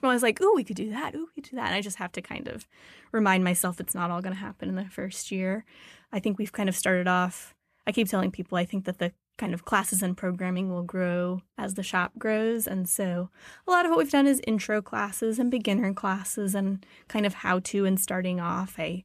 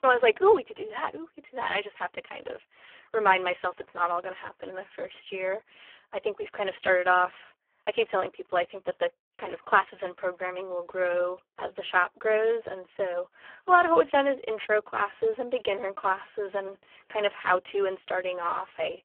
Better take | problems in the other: first | phone-call audio; poor line

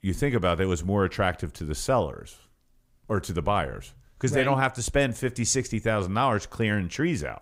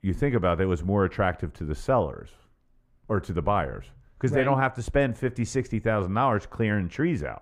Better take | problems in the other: first | muffled; slightly; fading above 3 kHz

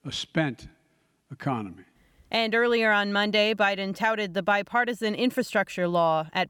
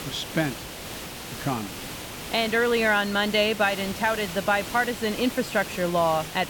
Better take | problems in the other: first | hiss; noticeable; throughout; 10 dB below the speech

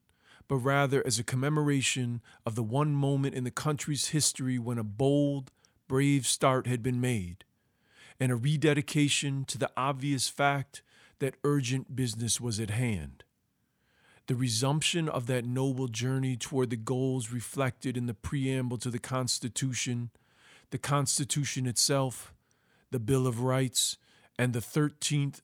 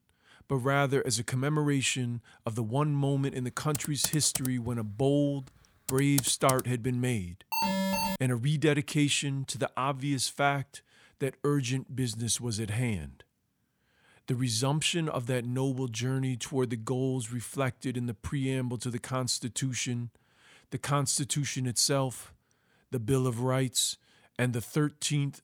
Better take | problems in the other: first | keyboard typing; noticeable; from 3.5 to 6.5 s; peak 2 dB below the speech // alarm; loud; at 7.5 s; peak 2 dB above the speech

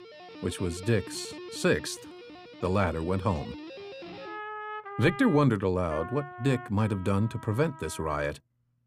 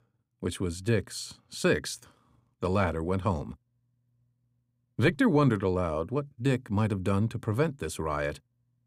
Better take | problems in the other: second | background music; noticeable; throughout; 15 dB below the speech

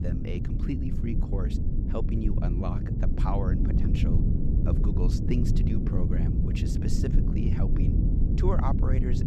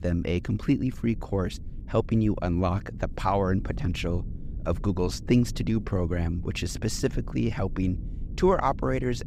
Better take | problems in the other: second | low rumble; loud; throughout; as loud as the speech; faint in the second

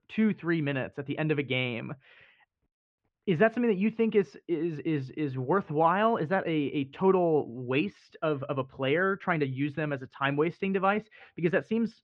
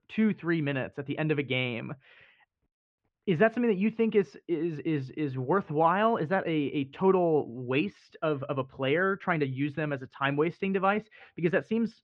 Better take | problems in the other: neither | muffled; very; fading above 2.5 kHz; the same in both

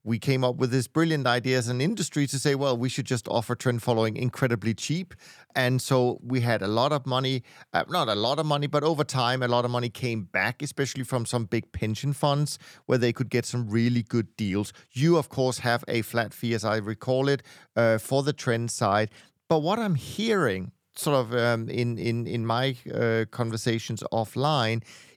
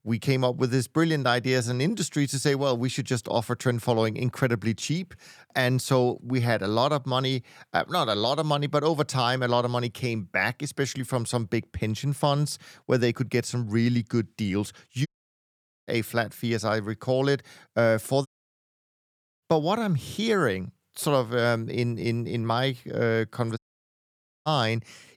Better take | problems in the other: first | audio cutting out; at 15 s for 1 s, at 18 s for 1 s and at 24 s for 1 s

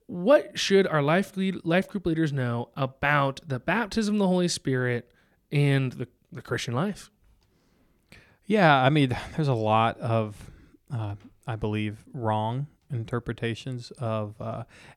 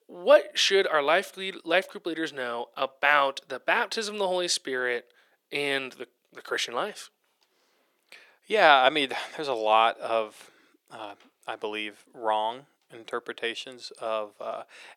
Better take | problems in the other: first | thin; very; fading below 450 Hz

